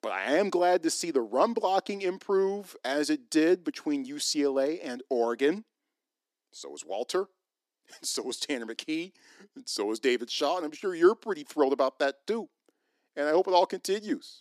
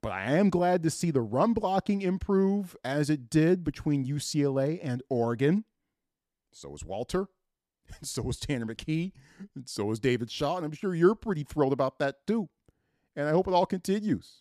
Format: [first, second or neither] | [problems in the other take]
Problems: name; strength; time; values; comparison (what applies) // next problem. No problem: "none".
second | thin; somewhat; fading below 300 Hz